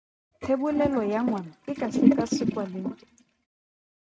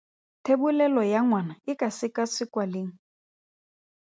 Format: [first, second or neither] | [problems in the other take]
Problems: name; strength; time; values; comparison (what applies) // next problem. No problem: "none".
second | noise reduction (neural mask model RNNoise)